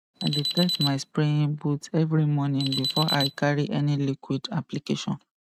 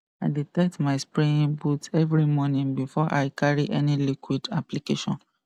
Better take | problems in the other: second | noise reduction (neural mask model RNNoise)

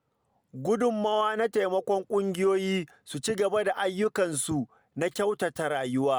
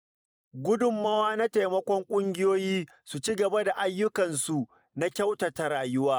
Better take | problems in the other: first | noise reduction (neural mask model Resemble Enhance denoiser)

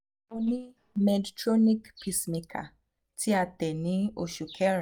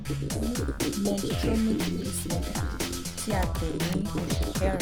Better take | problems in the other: first | background sound (Drum kit + Squeak); 4 dB above the speech

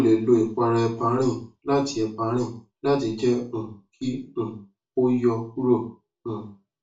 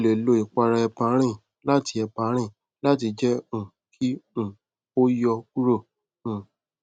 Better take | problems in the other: second | room echo; dies away in 0.3 s

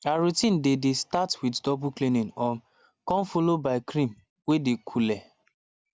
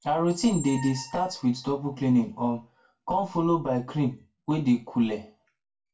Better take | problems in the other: first | background sound (Squeak); 18 dB below the speech // room echo; dies away in 0.2 s

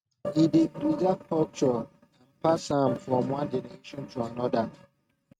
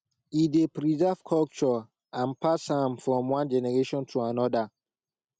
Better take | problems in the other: second | noise reduction (neural mask model RNNoise)

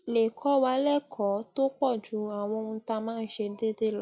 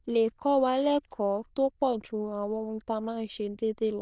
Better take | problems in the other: first | noise reduction (neural diffusion model UNIVERSE++)

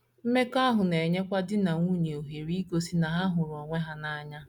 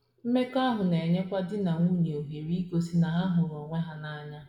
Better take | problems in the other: first | room echo; dies away in 0.7 s

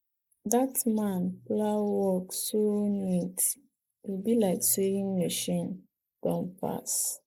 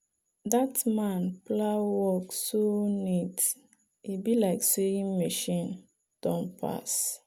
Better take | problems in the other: second | noise reduction (neural mask model Resemble Enhance denoiser)

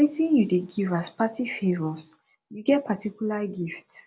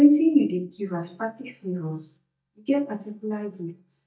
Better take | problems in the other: first | noise reduction (neural mask model DeepFilterNet 3)

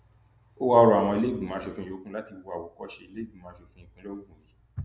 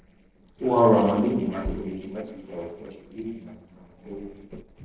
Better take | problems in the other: first | noise reduction (neural separator model SepFormer DNS4)

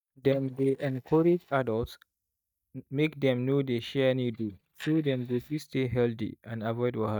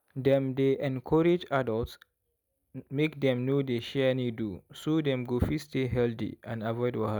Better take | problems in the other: second | noise reduction (neural mask model DeepFilterNet 3)

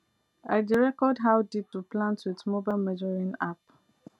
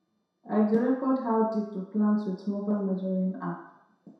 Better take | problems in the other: first | room echo; dies away in 0.7 s

